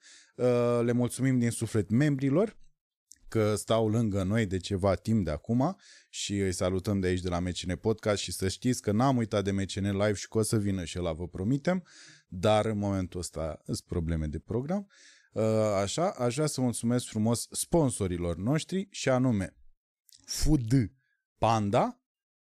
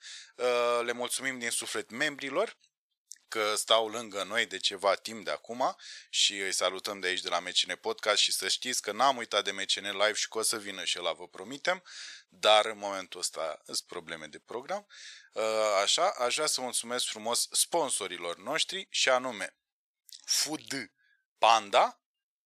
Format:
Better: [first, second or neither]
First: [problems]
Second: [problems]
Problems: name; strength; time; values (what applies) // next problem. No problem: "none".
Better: first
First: none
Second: thin; very; fading below 850 Hz